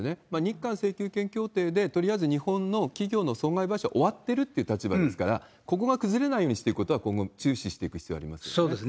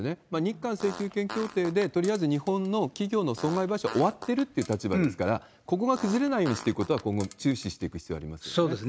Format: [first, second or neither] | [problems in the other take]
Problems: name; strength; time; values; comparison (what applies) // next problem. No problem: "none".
first | background sound (Fart); 17 dB below the speech